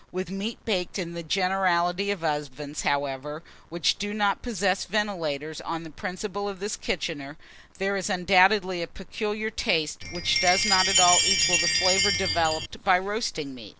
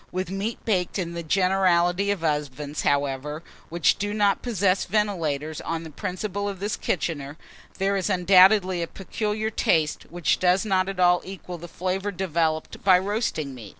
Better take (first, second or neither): second